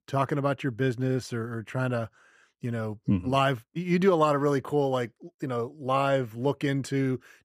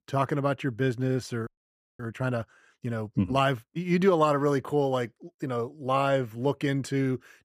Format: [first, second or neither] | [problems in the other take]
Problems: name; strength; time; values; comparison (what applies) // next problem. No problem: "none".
first | audio freezing; at 1.5 s for 0.5 s